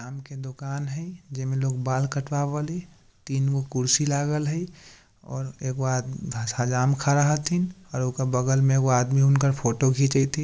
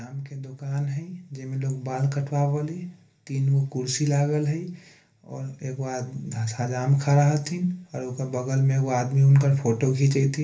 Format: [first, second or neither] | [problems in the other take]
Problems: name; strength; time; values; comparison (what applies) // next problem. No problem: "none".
first | room echo; dies away in 0.3 s